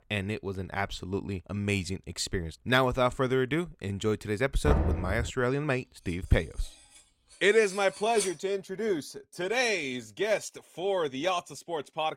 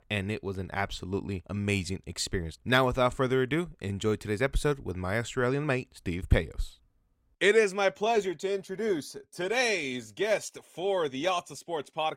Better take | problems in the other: second | door banging; loud; at 4.5 s; peak 2 dB above the speech // clattering dishes; noticeable; at 7.5 s; peak 5 dB below the speech

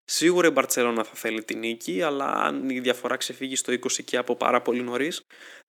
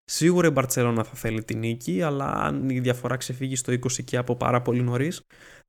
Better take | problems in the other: second | thin; somewhat; fading below 250 Hz

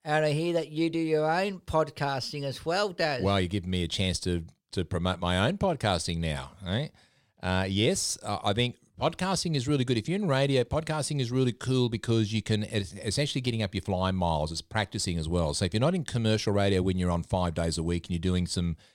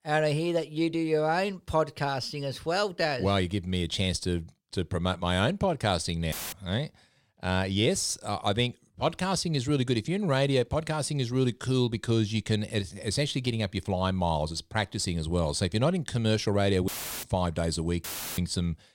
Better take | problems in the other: first | audio cutting out; filled with static; at 6.5 s, at 17 s and at 18 s

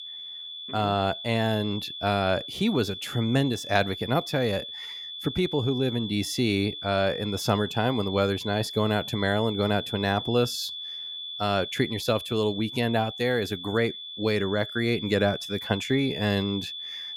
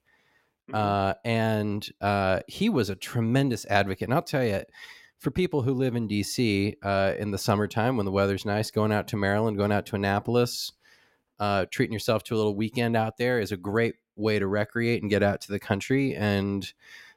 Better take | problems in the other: second | high-pitched whine; loud; throughout; 3.5 kHz, 8 dB below the speech

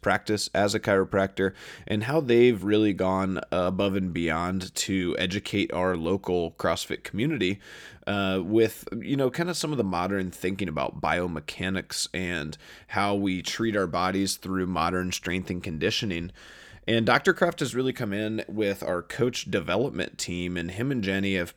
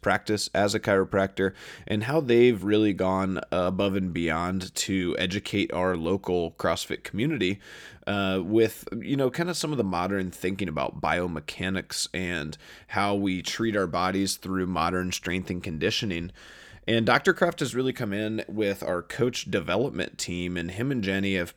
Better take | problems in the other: neither | none

